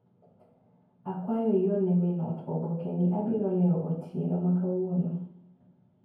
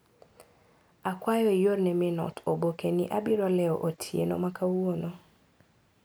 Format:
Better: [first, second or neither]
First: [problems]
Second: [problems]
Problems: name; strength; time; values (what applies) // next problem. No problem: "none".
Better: second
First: room echo; dies away in 0.9 s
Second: none